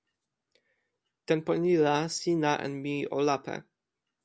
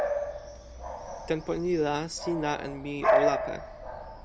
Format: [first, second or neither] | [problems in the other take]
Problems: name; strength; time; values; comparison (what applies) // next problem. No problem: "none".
first | background sound (Bark / Bird vocalization, bird call, bird song); 1 dB above the speech